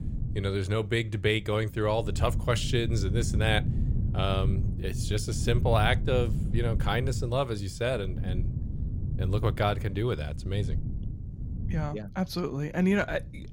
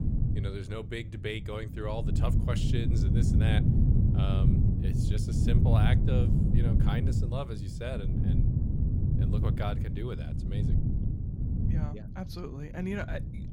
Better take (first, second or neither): first